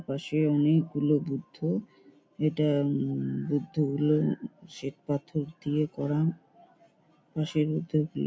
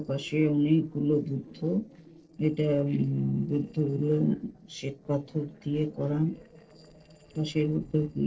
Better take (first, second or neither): first